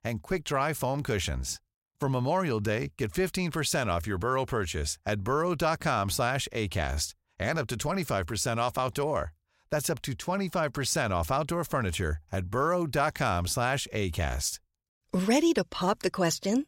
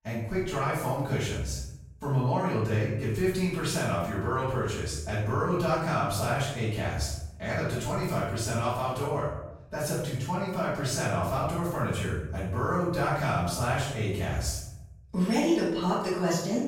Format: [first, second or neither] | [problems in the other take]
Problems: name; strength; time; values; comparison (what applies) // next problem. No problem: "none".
first | off-mic speech; far // room echo; strong; dies away in 0.8 s